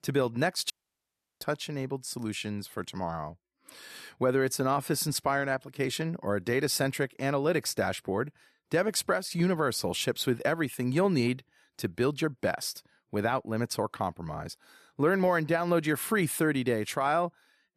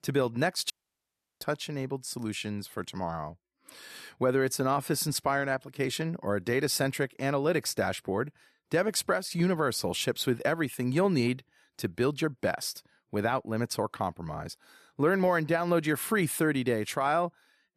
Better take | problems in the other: neither | audio cutting out; at 0.5 s for 0.5 s; the same in both

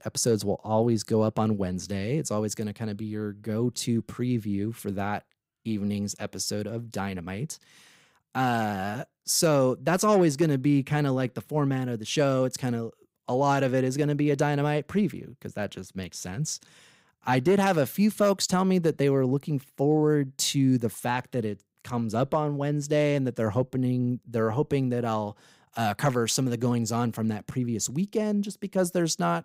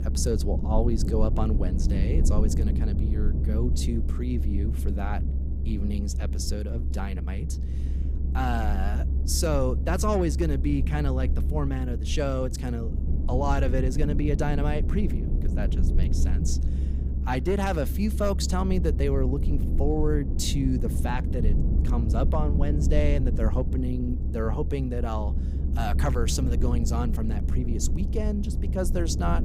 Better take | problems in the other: first | low rumble; loud; throughout; 9 dB below the speech

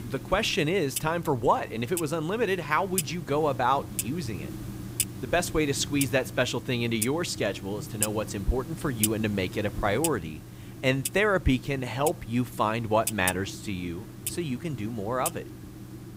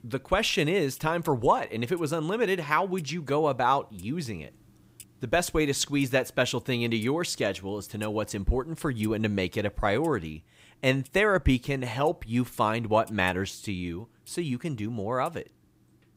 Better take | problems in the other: second | household noises; loud; throughout; 7 dB below the speech; faint in the second

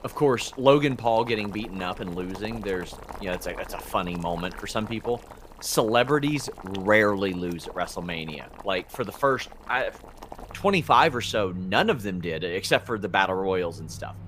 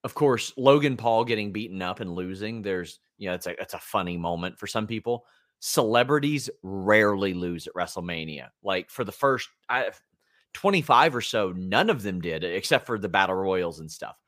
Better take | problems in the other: second | household noises; noticeable; throughout; 20 dB below the speech

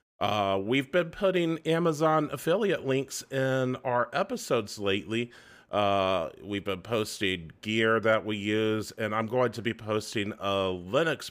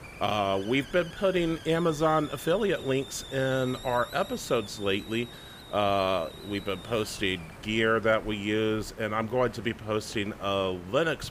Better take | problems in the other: first | hiss; noticeable; throughout; 15 dB below the speech

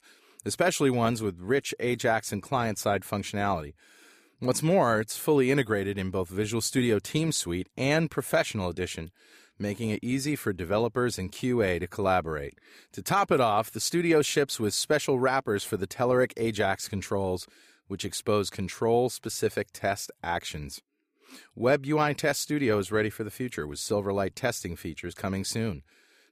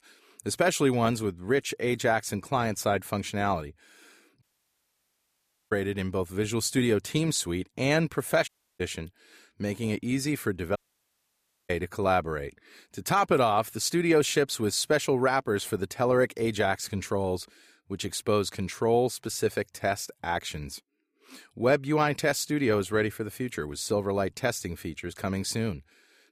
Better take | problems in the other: first | audio cutting out; at 4.5 s for 1.5 s, at 8.5 s and at 11 s for 1 s

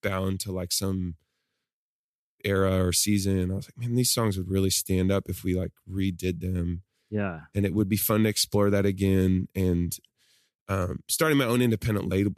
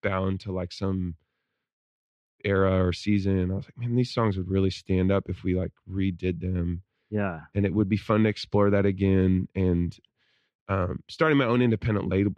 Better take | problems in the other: first | muffled; slightly; fading above 3 kHz

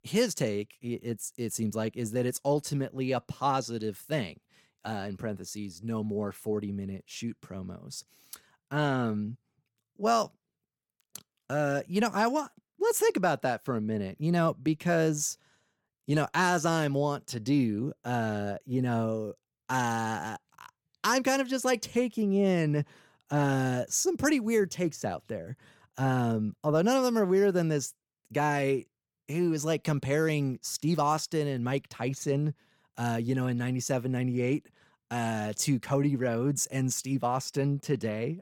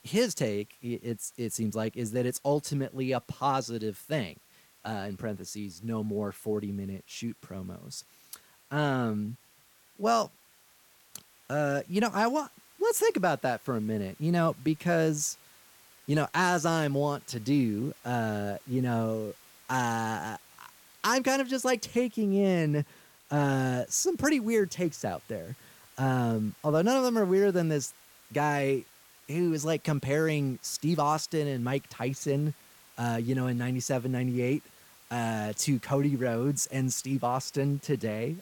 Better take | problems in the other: first | hiss; faint; throughout; 25 dB below the speech

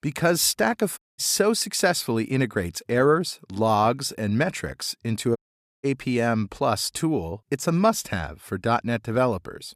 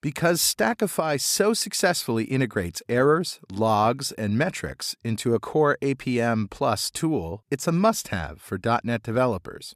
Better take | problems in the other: second | audio cutting out; at 1 s and at 5.5 s

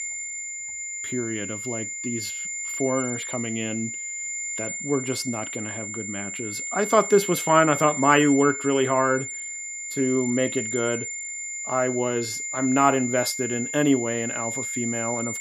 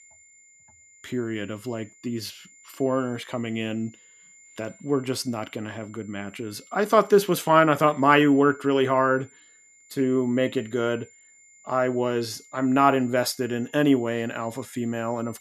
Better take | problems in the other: second | high-pitched whine; loud; throughout; 7 kHz, 5 dB below the speech; faint in the second

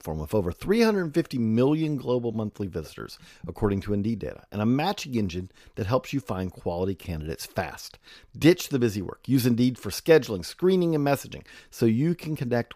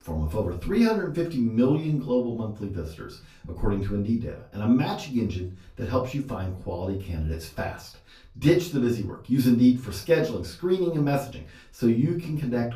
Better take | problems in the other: first | off-mic speech; far // room echo; slight; dies away in 0.3 s

